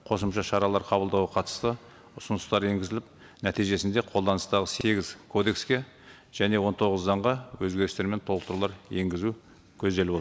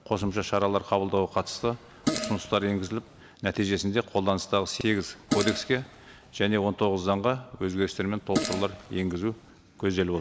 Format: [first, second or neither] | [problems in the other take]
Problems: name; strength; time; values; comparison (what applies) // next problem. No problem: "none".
first | background sound (Fart); 7 dB below the speech